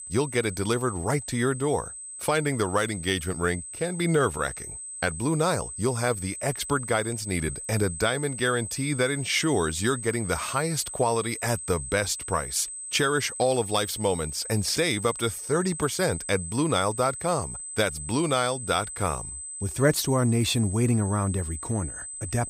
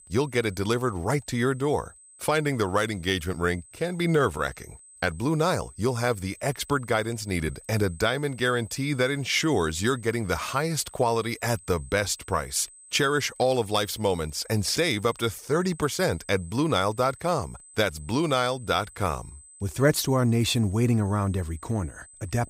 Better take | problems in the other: second | high-pitched whine; loud; throughout; 8 kHz, 8 dB below the speech; faint in the second

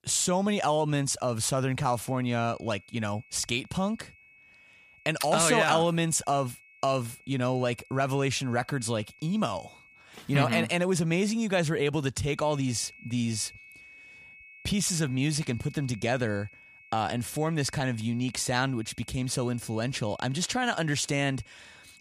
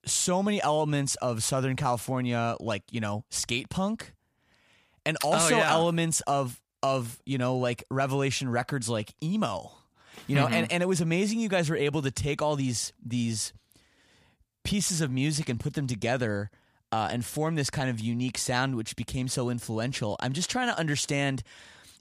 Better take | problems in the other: second | high-pitched whine; faint; from 2 to 10 s and from 12 s on; 2.5 kHz, 25 dB below the speech

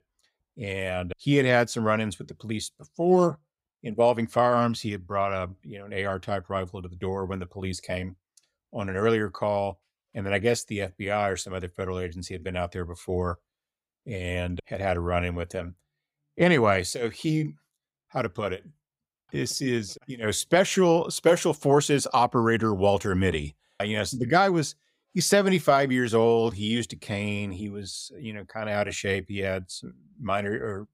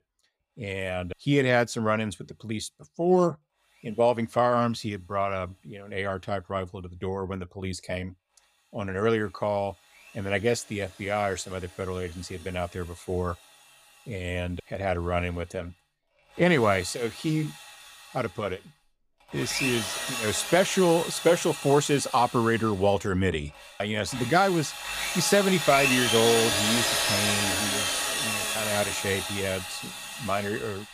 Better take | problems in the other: first | machinery noise; loud; throughout; 1 dB below the speech

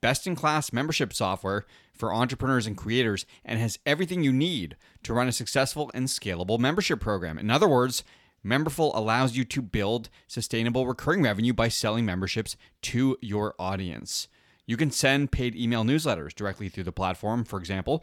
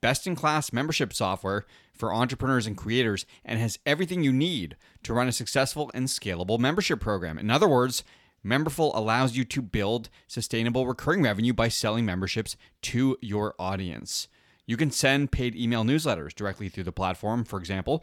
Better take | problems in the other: neither | none

